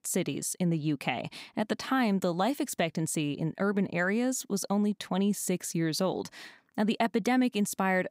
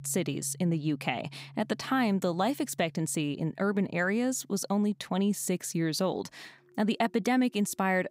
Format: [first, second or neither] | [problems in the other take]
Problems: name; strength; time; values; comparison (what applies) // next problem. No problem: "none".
first | background music; faint; throughout; 25 dB below the speech